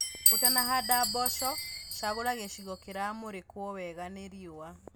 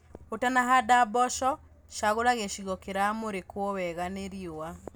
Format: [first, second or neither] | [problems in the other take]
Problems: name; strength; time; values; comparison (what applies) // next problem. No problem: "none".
second | background sound (Glass); 4 dB above the speech